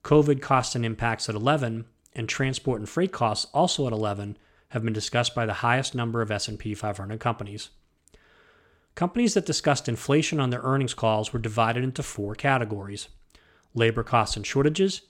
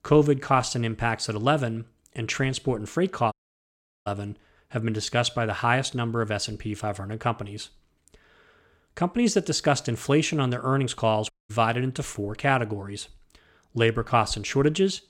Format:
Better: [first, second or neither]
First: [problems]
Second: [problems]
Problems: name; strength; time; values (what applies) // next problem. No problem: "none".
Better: first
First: none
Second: audio cutting out; at 3.5 s for 0.5 s and at 11 s